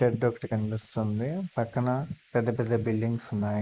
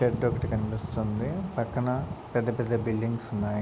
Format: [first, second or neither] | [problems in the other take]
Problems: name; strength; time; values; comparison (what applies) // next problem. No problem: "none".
second | noise reduction (neural mask model Resemble Enhance denoiser)